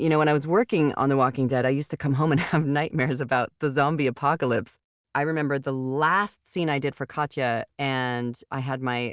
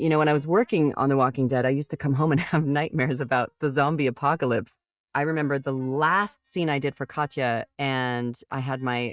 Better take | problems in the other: first | noise reduction (neural mask model DeepFilterNet 3)

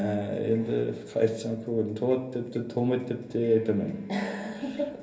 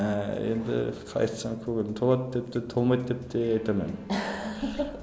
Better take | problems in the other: second | room echo; dies away in 0.3 s

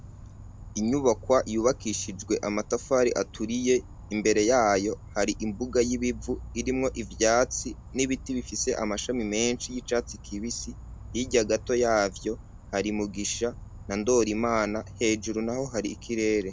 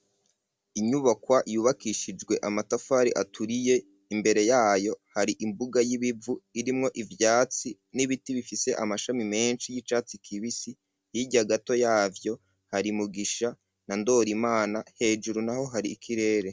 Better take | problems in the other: second | background sound (Insect); 16 dB below the speech

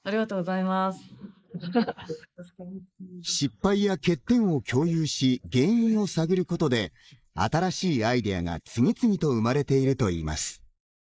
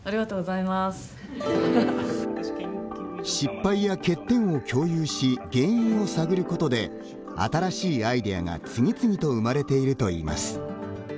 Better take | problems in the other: second | noise reduction (neural mask model Resemble Enhance denoiser)

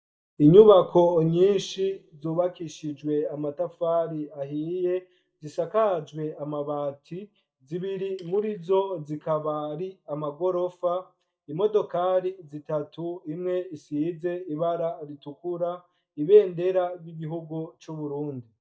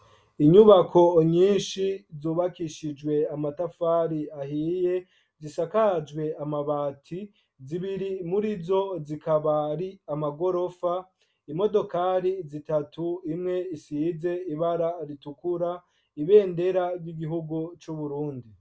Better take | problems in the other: second | noise reduction (neural mask model DeepFilterNet 3)

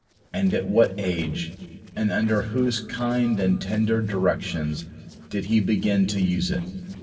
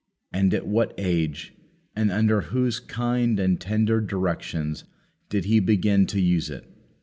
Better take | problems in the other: second | noise reduction (neural separator model SepFormer DNS4)

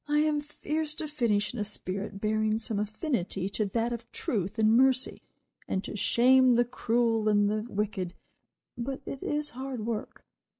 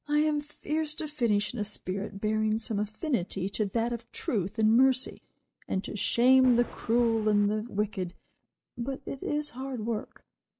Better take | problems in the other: first | background sound (Thunder); 17 dB below the speech

